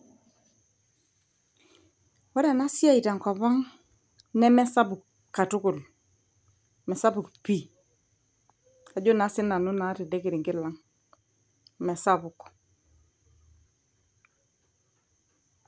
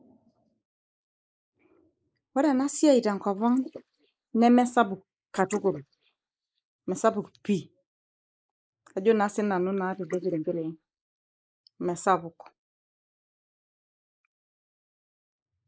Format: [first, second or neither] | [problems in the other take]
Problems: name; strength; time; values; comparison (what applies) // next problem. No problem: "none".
first | noise reduction (neural mask model Resemble Enhance denoiser)